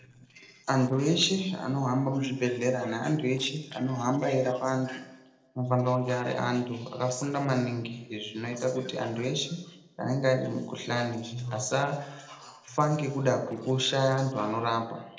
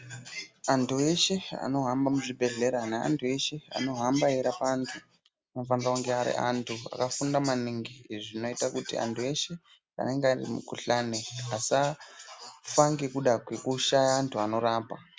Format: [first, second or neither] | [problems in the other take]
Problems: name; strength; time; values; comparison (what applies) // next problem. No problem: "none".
second | noise reduction (neural separator model SepFormer DNS4)